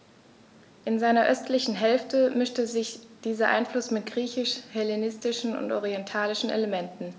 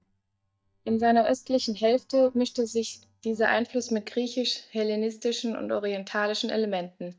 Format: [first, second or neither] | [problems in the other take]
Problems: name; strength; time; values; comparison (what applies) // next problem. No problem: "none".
first | noise reduction (neural mask model DeepFilterNet 3)